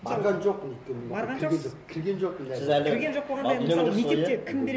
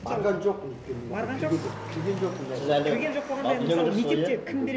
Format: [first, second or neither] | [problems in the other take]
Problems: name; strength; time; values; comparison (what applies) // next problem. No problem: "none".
first | background sound (Motor vehicle (road)); 13 dB below the speech